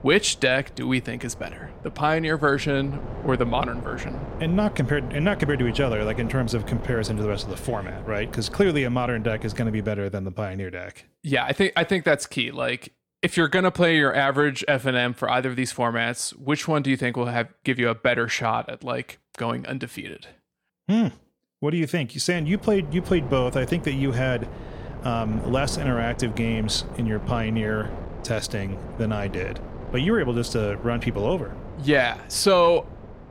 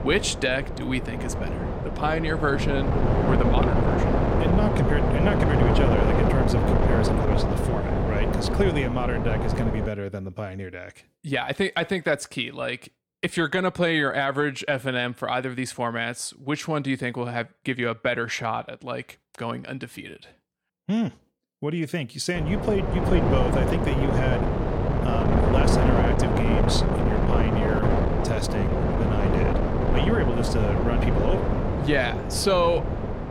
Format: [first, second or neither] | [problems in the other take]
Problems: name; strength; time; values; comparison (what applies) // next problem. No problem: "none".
first | wind noise on the microphone; heavy; until 10 s and from 22 s on; as loud as the speech; occasional gusts in the first